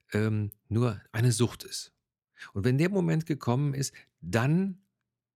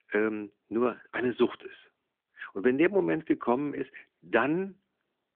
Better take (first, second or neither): first